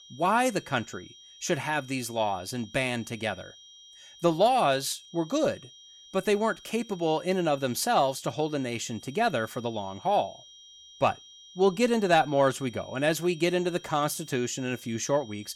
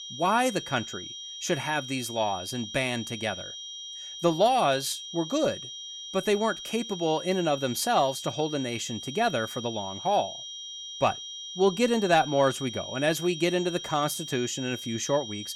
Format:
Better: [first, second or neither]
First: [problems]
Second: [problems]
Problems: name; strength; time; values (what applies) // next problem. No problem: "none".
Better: first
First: high-pitched whine; faint; throughout; 3 kHz, 20 dB below the speech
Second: high-pitched whine; loud; throughout; 3 kHz, 9 dB below the speech